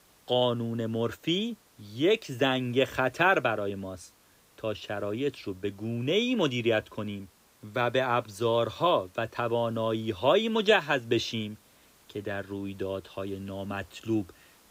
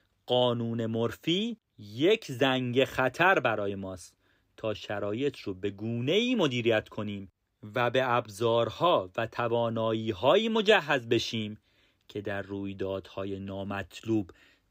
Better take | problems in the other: second | hiss; faint; throughout; 30 dB below the speech

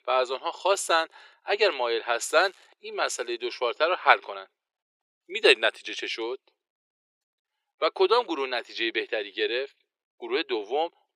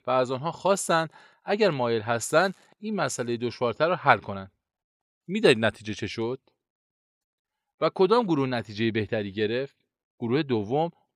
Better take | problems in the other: second | thin; very; fading below 350 Hz

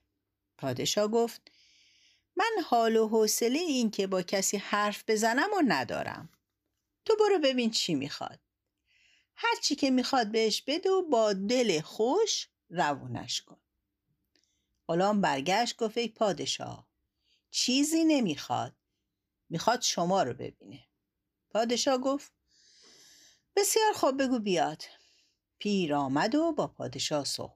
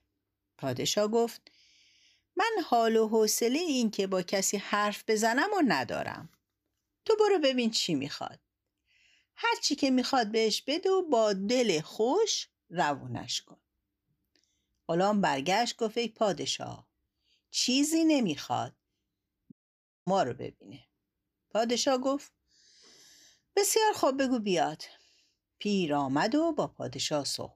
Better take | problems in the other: first | audio cutting out; at 20 s for 0.5 s

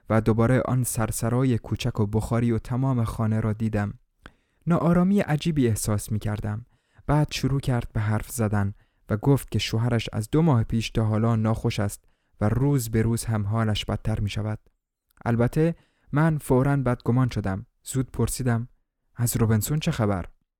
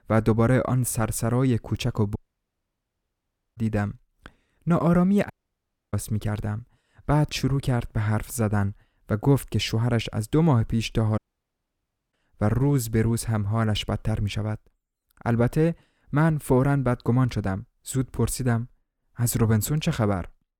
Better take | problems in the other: first | audio cutting out; at 2 s for 1.5 s, at 5.5 s for 0.5 s and at 11 s for 1 s

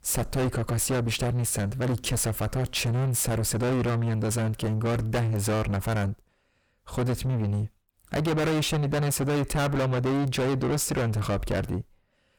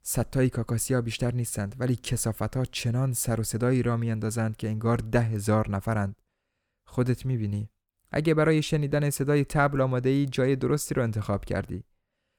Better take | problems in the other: second | distortion; heavy; 5 dB below the speech

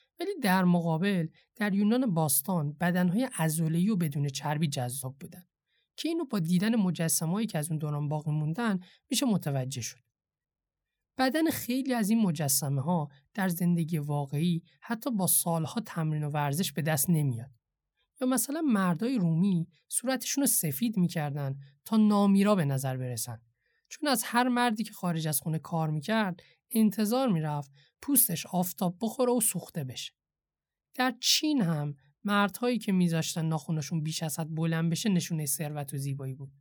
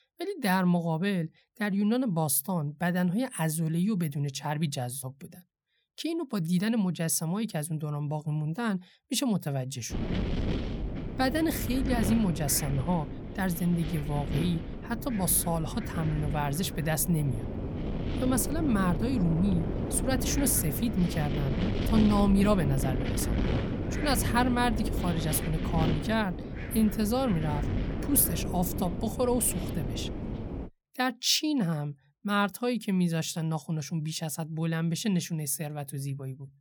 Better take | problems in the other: first | wind noise on the microphone; heavy; from 10 to 31 s; 6 dB below the speech

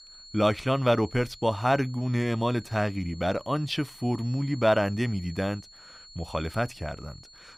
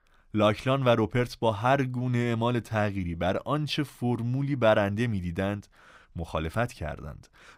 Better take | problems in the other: second | high-pitched whine; noticeable; throughout; 4.5 kHz, 20 dB below the speech

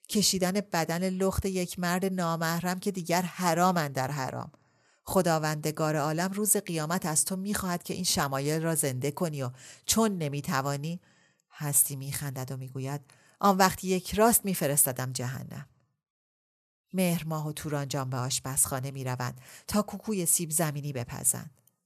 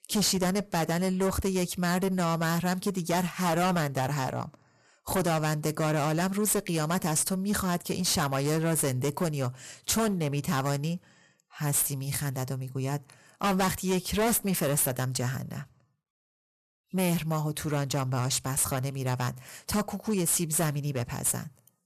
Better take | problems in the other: first | distortion; heavy; 13% of the sound clipped

